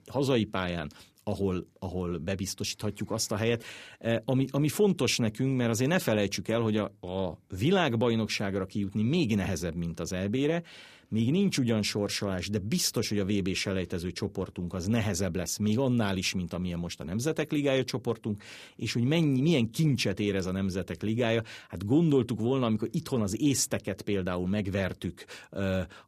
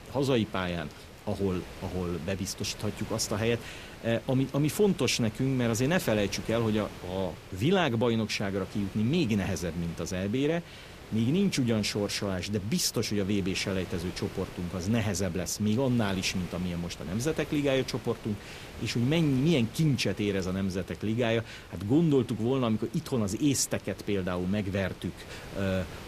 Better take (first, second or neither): first